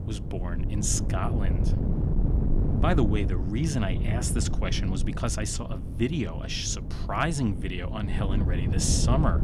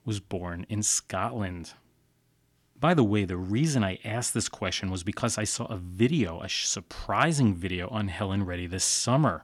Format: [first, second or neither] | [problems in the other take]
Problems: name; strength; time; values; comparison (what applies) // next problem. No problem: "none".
second | wind noise on the microphone; heavy; 8 dB below the speech